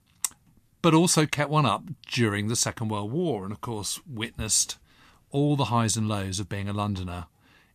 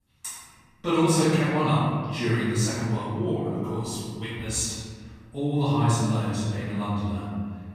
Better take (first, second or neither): first